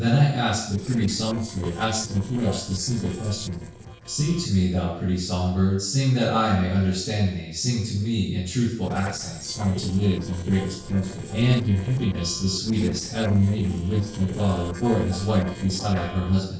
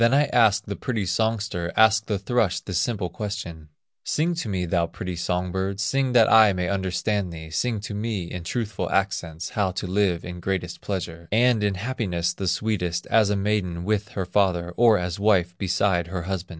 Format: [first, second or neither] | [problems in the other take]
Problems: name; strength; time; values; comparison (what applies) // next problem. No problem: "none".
second | noise reduction (neural separator model SepFormer DNS4)